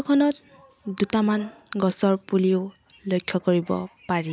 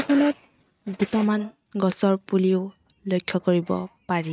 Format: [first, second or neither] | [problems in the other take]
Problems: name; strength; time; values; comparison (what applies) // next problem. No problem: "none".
first | noise reduction (neural mask model RNNoise)